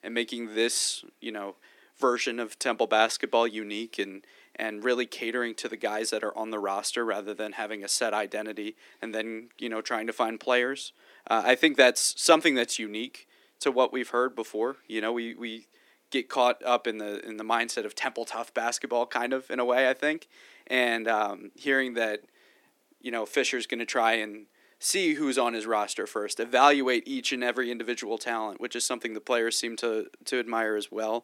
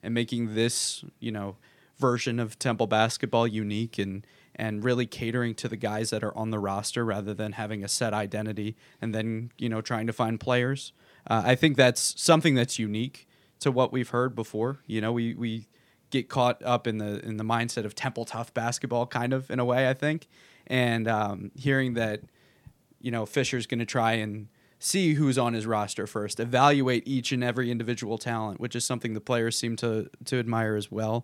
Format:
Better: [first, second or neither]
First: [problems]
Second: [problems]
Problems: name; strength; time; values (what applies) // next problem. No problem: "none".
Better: second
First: thin; somewhat; fading below 300 Hz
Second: none